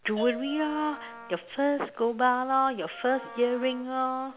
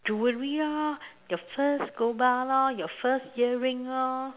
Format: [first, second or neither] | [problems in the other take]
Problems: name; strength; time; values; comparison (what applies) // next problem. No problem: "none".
second | background sound (Wind instrument, woodwind instrument + Bell / Percussion); 16 dB below the speech